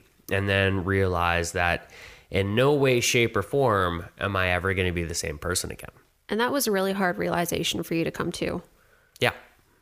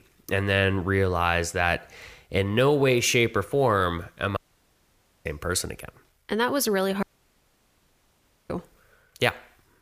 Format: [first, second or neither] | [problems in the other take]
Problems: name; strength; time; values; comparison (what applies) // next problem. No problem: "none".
first | audio cutting out; at 4.5 s for 1 s and at 7 s for 1.5 s